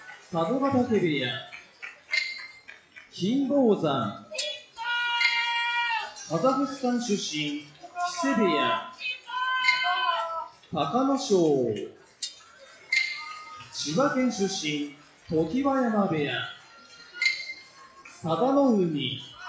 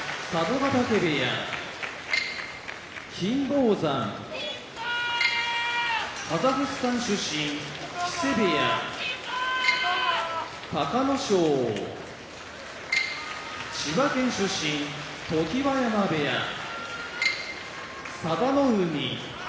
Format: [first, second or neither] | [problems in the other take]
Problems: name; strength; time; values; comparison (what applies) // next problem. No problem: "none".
second | noise reduction (classical method log-MMSE)